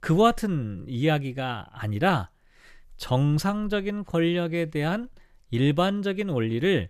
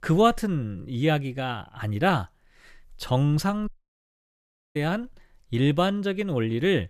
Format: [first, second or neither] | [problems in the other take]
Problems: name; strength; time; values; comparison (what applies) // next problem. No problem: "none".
first | audio cutting out; at 3.5 s for 1 s